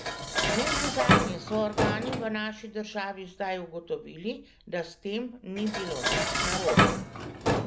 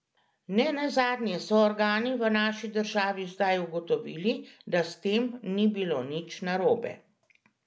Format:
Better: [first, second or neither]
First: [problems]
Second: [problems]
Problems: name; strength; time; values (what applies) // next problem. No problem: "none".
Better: second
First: background sound (Dishes, pots, and pans); 4 dB above the speech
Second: none